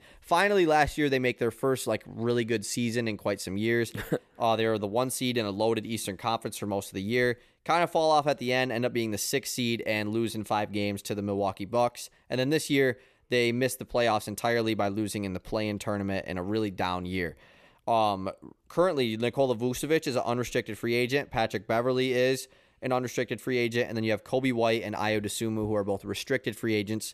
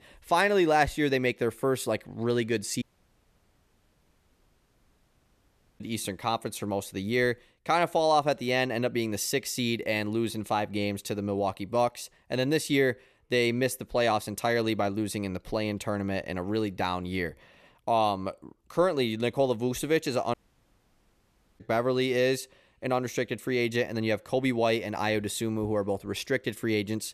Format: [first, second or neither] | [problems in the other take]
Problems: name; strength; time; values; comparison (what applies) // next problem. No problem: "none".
first | audio cutting out; at 3 s for 3 s and at 20 s for 1.5 s